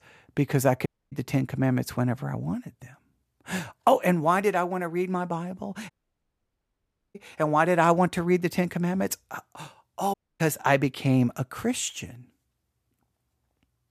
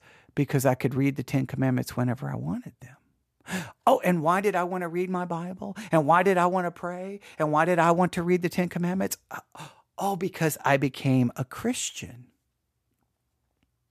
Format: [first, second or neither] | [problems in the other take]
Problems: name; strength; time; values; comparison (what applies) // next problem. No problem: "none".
second | audio cutting out; at 1 s, at 6 s for 1 s and at 10 s